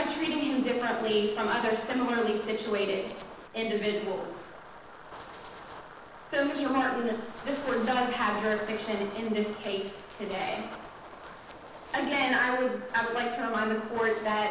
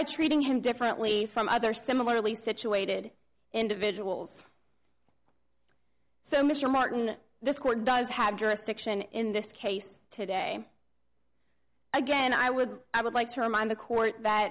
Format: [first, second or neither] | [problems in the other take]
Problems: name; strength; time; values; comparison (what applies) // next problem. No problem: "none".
second | background sound (Wind); 15 dB below the speech // room echo; dies away in 0.9 s